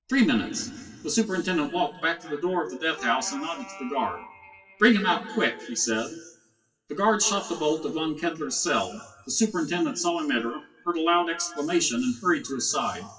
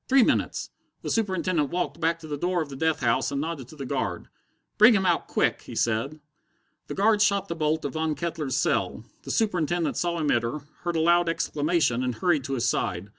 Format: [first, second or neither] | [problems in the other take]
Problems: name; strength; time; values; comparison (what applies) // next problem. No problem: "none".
second | noise reduction (classical method WPE with log-MMSE)